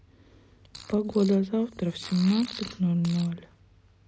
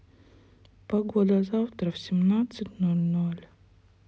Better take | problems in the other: second | background sound (Fart); 17 dB below the speech

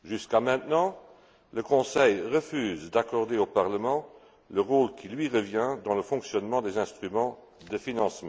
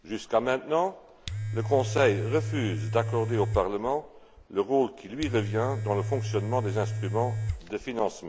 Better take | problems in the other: first | background sound (Domestic sounds, home sounds); 4 dB below the speech

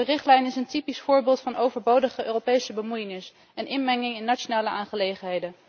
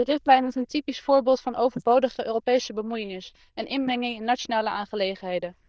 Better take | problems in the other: first | noise reduction (neural diffusion model UNIVERSE++)

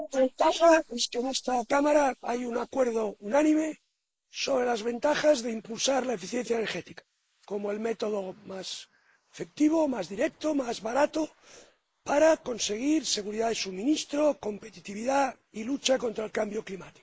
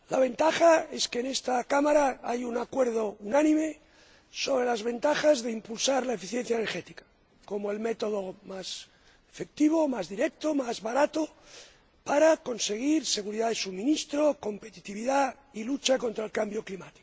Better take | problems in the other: second | noise reduction (neural mask model Resemble Enhance denoiser)

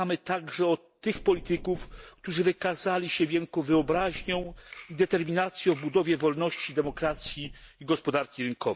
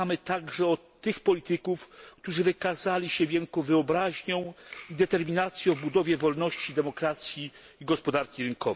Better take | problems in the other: second | noise reduction (neural mask model DeepFilterNet 3)

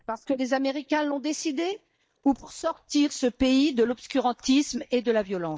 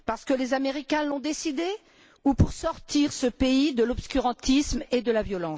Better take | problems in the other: second | noise reduction (neural mask model DeepFilterNet 3)

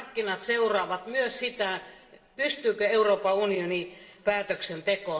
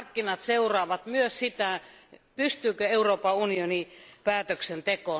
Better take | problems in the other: second | room echo; dies away in 2.5 s

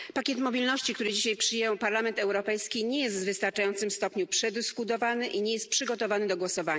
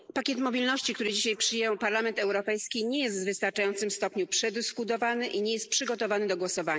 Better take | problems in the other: first | noise reduction (neural mask model Resemble Enhance denoiser)

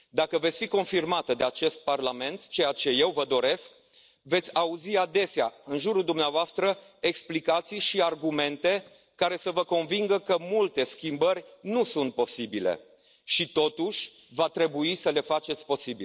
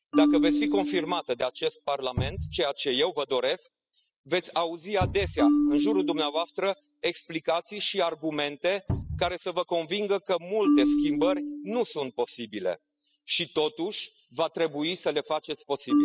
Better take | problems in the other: first | noise reduction (classical method spectral subtraction)

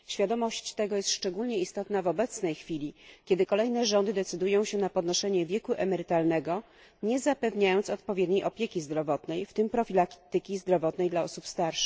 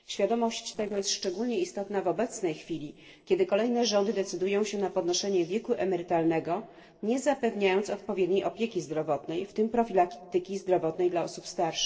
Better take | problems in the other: first | noise reduction (neural separator model SepFormer DNS4)

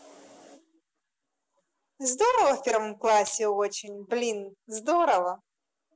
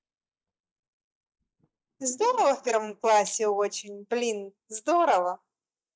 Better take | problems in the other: first | noise reduction (neural mask model DeepFilterNet 3)

